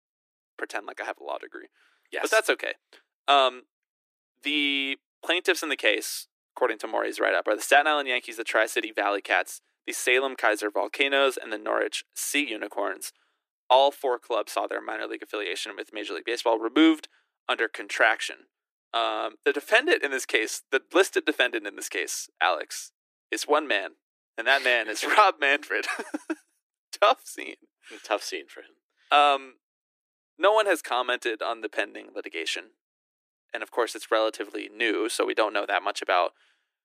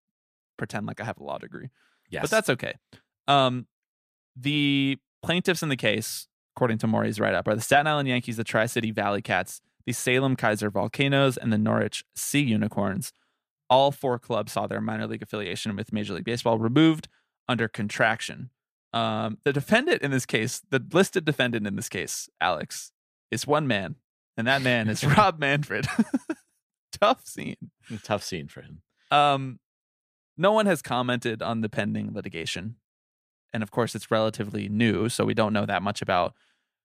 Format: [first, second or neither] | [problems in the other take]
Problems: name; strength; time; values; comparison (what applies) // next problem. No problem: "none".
second | thin; very; fading below 300 Hz